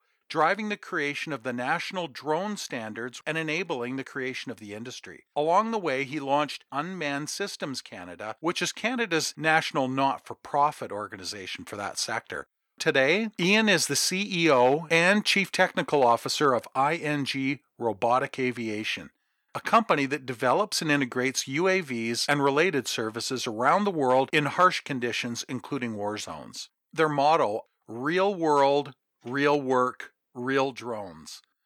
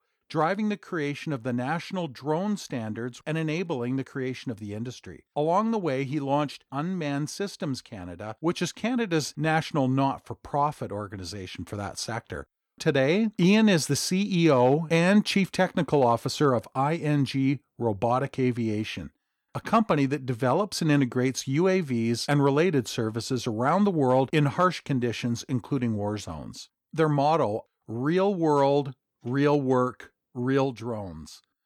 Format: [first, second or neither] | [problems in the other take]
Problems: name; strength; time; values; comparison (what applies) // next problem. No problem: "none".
second | thin; somewhat; fading below 1 kHz